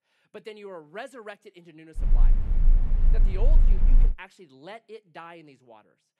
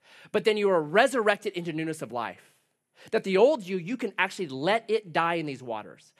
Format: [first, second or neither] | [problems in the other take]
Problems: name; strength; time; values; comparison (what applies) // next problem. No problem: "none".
second | low rumble; loud; from 2 to 4 s; 5 dB below the speech